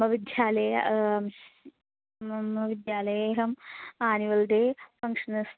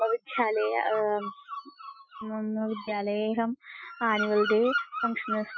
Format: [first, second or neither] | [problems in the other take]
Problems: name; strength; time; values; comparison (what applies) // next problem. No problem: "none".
first | noise reduction (classical method Wiener filter)